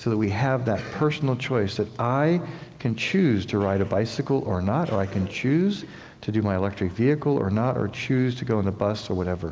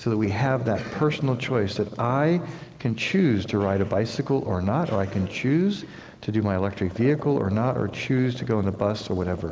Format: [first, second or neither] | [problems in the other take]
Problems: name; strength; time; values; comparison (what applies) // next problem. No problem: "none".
first | background sound (Growling); 17 dB below the speech